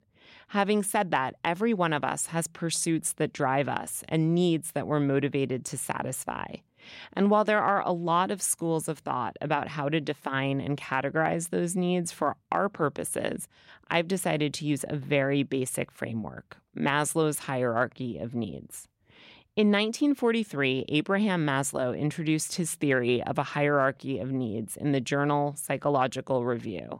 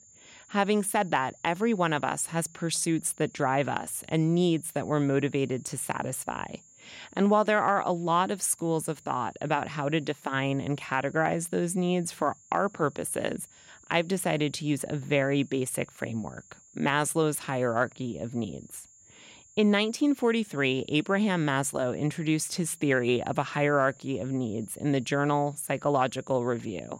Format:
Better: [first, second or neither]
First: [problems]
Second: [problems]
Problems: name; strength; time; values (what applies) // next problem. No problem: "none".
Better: first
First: none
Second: high-pitched whine; faint; throughout; 7.5 kHz, 25 dB below the speech